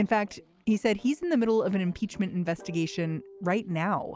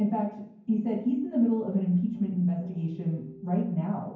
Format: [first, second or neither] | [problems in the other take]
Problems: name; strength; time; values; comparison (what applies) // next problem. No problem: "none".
first | room echo; dies away in 0.9 s